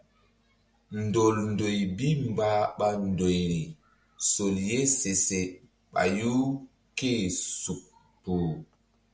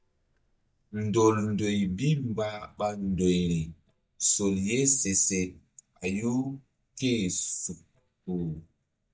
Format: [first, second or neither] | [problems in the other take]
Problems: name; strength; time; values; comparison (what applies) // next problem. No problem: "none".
first | noise reduction (neural mask model DeepFilterNet 3)